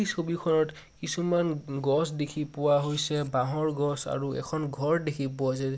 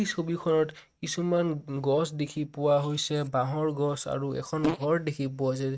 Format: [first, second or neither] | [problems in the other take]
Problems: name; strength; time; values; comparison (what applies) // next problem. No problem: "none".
first | noise reduction (neural mask model RNNoise)